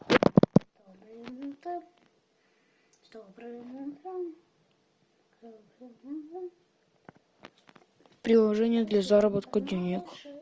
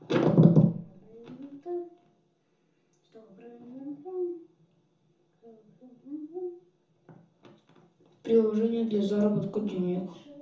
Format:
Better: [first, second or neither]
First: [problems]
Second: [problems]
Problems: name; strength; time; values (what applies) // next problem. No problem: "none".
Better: first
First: none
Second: room echo; dies away in 0.6 s